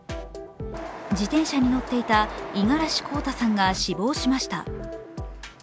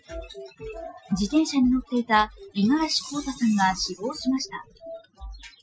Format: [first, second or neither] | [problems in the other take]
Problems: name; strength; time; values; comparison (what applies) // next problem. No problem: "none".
first | noise reduction (classical method Wiener filter)